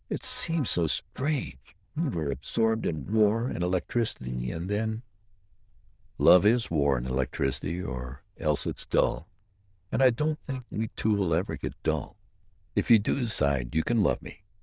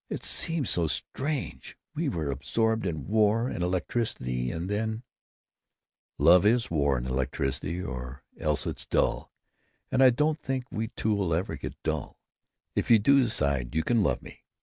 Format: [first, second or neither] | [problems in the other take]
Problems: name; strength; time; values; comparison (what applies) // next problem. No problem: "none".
second | noise reduction (neural diffusion model UNIVERSE++)